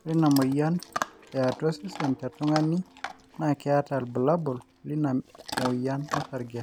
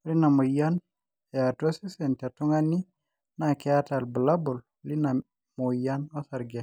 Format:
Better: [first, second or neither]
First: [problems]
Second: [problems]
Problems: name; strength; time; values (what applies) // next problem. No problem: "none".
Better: second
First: background sound (Chewing, mastication / Dog); 11 dB below the speech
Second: none